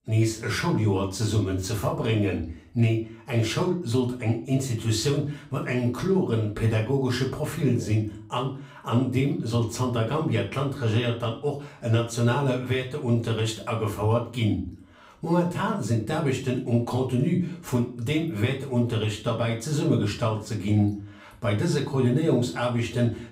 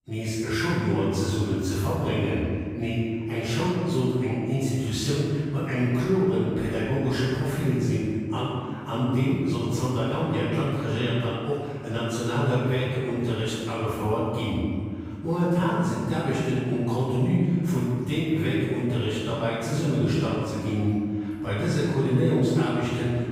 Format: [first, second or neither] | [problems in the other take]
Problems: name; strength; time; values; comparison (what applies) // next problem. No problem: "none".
first | room echo; strong; dies away in 2 s; slight in the first // off-mic speech; far; far in the first